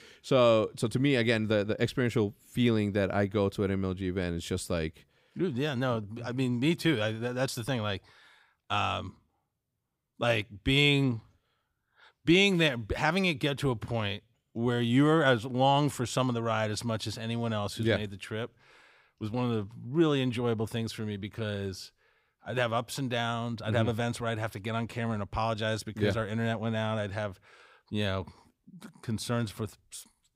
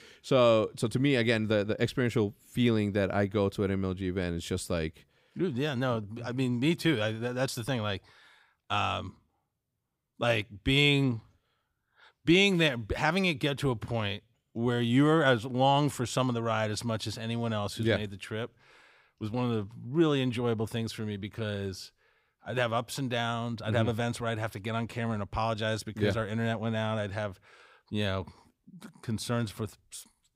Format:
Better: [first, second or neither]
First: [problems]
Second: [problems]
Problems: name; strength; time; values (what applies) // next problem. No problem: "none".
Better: neither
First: none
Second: none